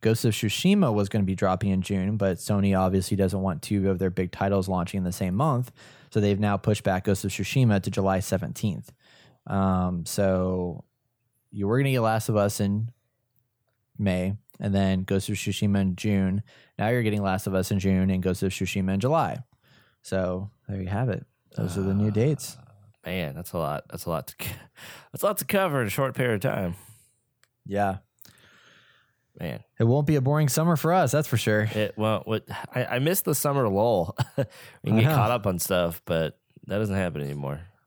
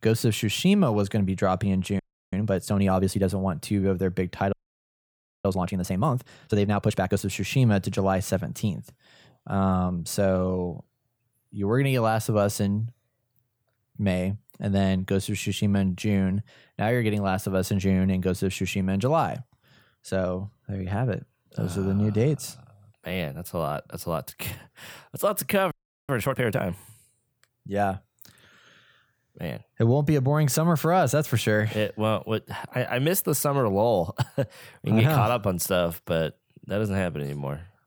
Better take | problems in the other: first | audio freezing; at 2 s, at 4.5 s for 1 s and at 26 s

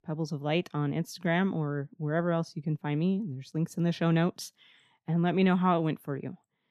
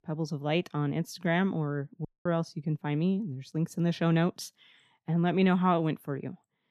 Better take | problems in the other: first | audio cutting out; at 2 s

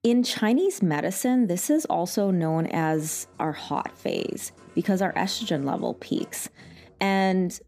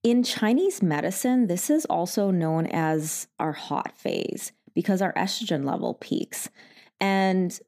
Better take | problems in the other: second | background music; faint; throughout; 25 dB below the speech

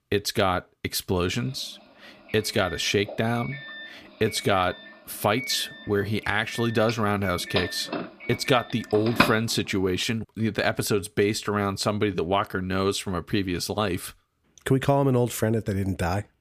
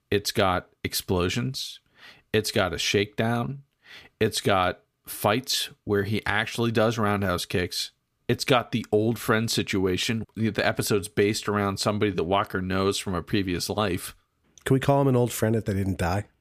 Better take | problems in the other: second | doorbell; loud; from 7 to 9.5 s; peak 2 dB above the speech

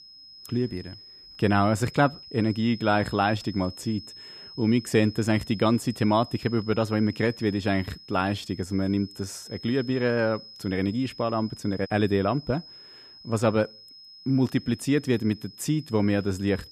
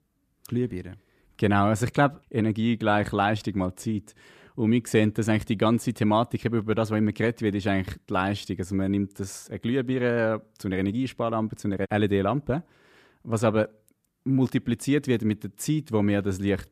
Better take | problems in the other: second | high-pitched whine; noticeable; throughout; 5 kHz, 15 dB below the speech

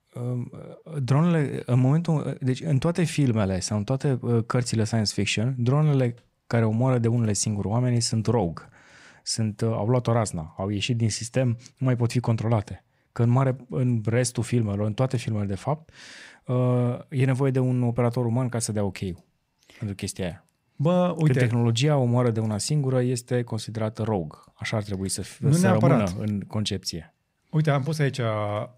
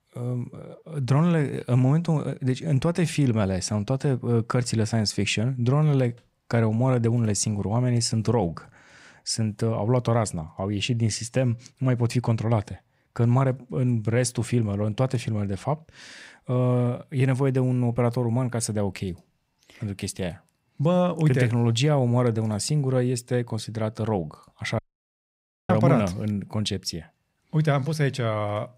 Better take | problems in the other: first | audio cutting out; at 25 s for 1 s

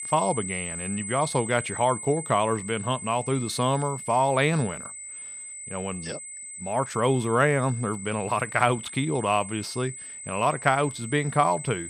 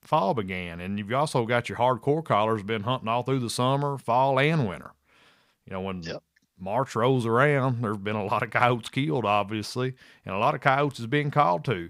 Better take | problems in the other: second | high-pitched whine; loud; throughout; 8 kHz, 10 dB below the speech

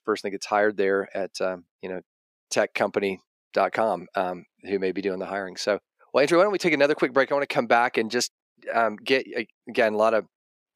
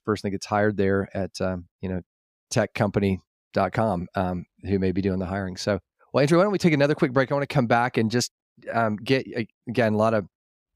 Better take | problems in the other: second | thin; somewhat; fading below 400 Hz

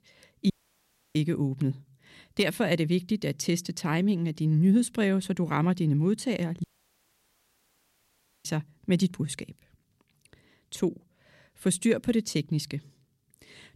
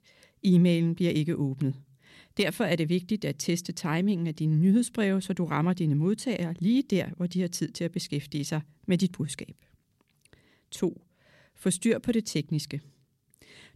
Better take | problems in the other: second | audio cutting out; at 0.5 s for 0.5 s and at 6.5 s for 2 s

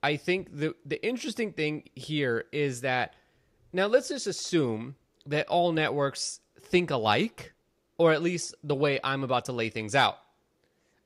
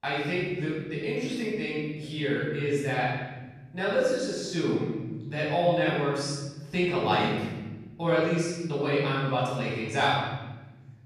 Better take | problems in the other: first | off-mic speech; far // room echo; strong; dies away in 1.8 s

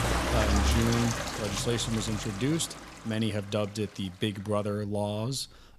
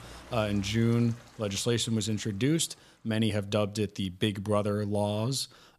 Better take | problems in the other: second | rain or running water; loud; throughout; as loud as the speech; faint in the second

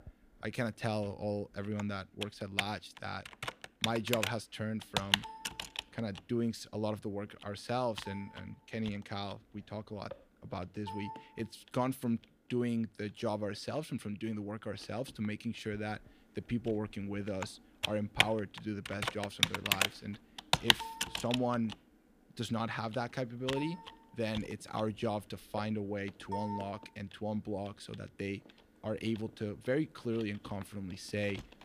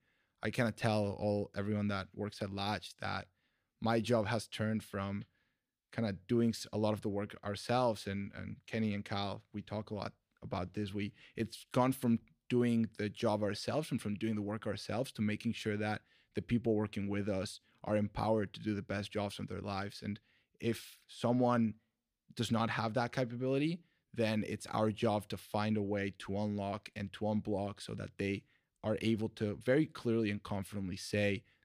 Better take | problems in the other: second | household noises; very loud; throughout; 3 dB above the speech

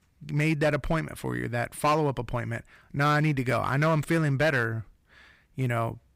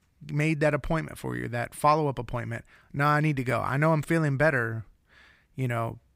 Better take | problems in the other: second | distortion; slight; 5% of the sound clipped

